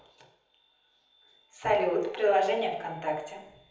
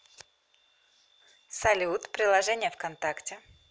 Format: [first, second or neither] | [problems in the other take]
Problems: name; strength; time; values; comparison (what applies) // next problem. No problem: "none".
second | room echo; dies away in 1.3 s